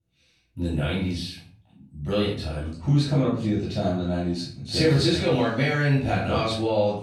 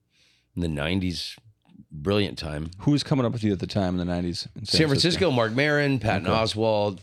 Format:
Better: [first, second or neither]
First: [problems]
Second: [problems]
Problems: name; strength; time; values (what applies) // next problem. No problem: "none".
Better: second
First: off-mic speech; far // room echo; noticeable; dies away in 0.4 s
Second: none